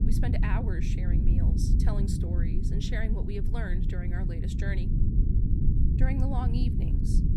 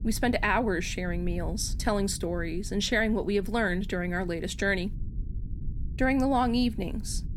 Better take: second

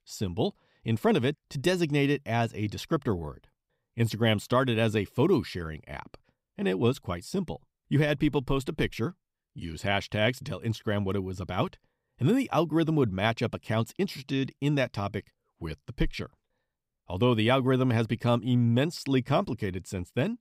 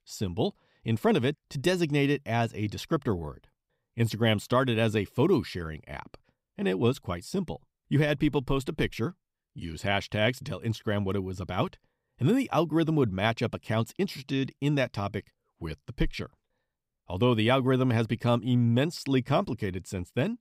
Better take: neither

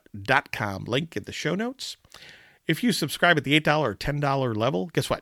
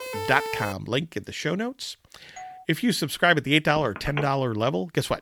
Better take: first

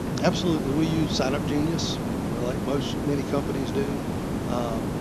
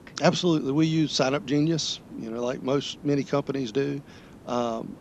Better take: second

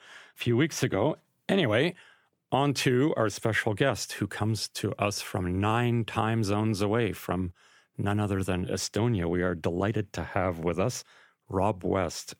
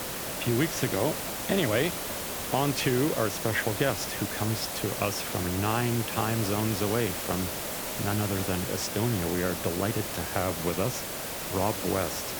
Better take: first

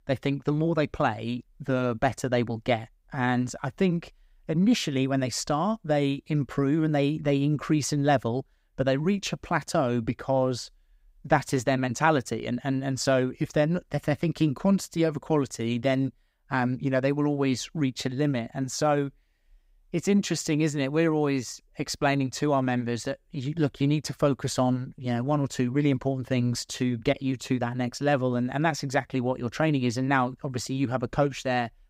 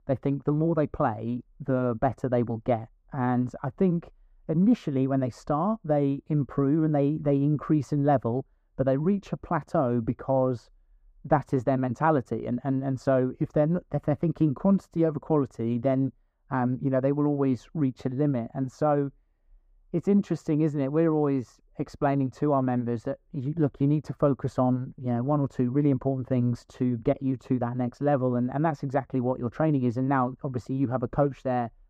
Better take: first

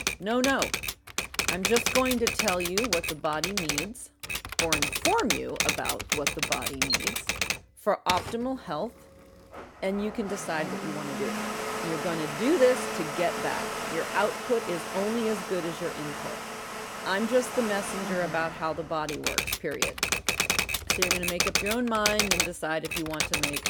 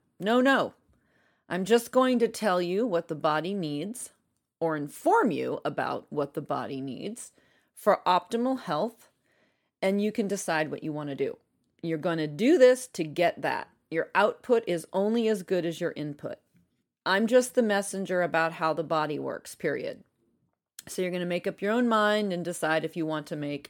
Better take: second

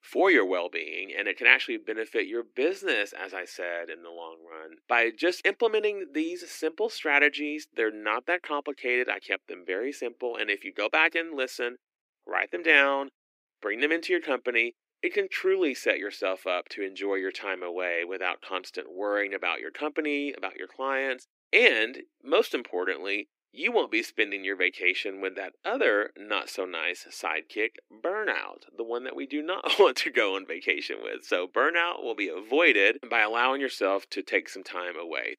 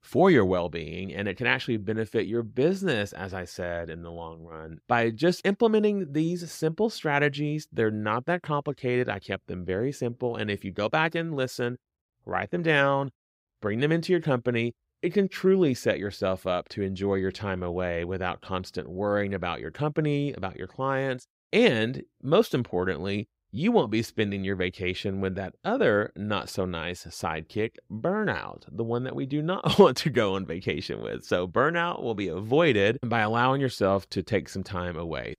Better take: second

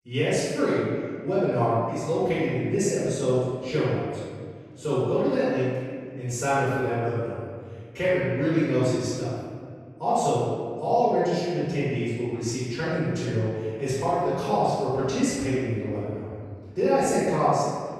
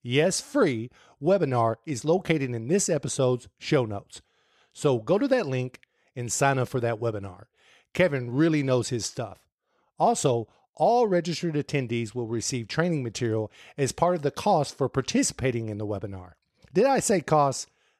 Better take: second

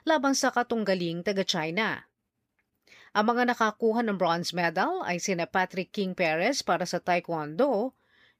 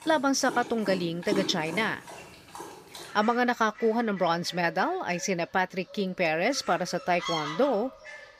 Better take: first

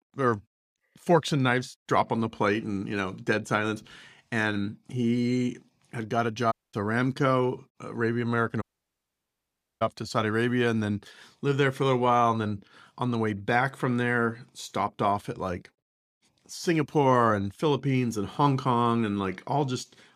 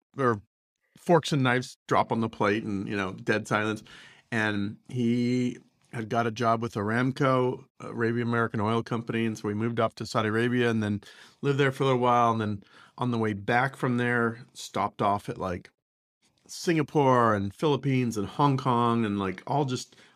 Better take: second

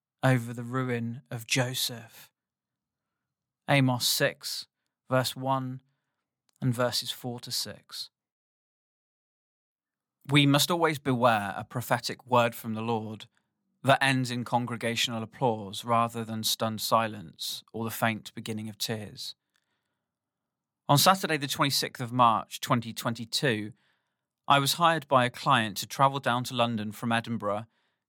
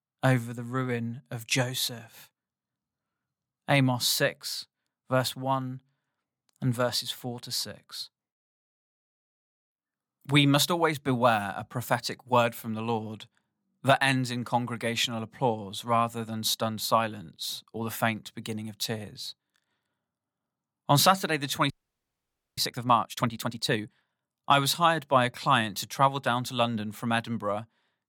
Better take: first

